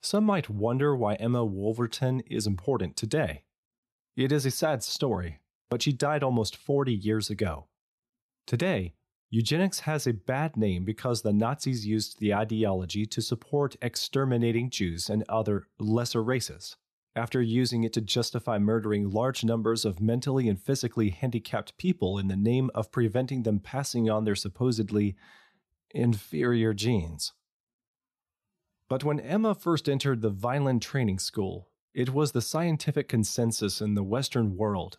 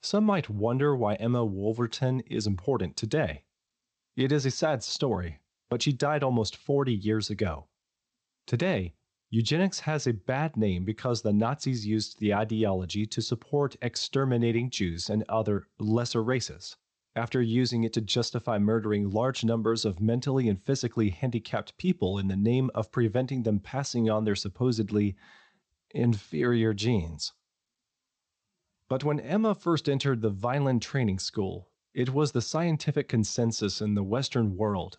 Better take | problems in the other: first | garbled, watery; slightly; nothing above 8 kHz

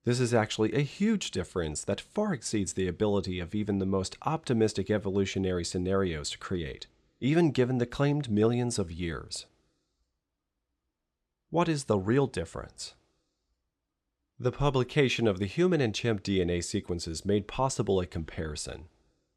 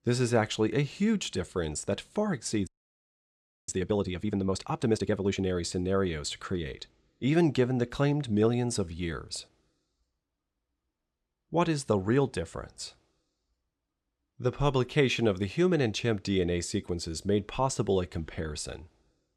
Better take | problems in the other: first | audio freezing; at 2.5 s for 1 s

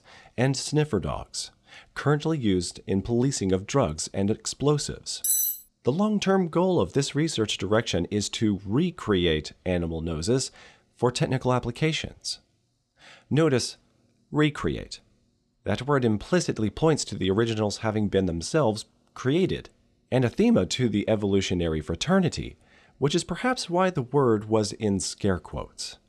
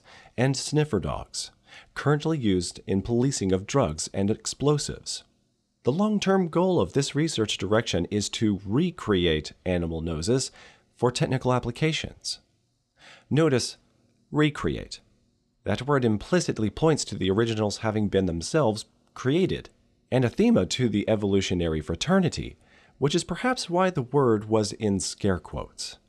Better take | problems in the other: second | clattering dishes; loud; at 5 s; peak 4 dB above the speech

